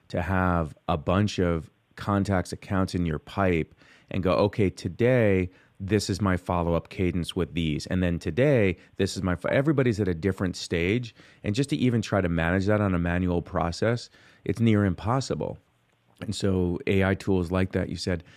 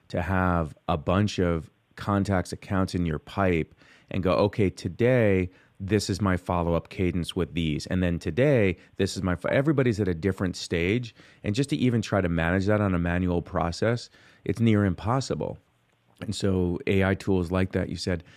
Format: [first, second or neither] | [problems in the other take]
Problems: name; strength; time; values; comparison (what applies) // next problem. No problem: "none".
neither | none